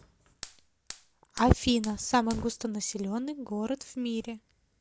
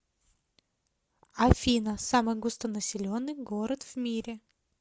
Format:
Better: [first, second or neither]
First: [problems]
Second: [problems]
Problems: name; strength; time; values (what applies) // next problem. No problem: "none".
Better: second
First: background sound (Fire); 18 dB below the speech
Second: none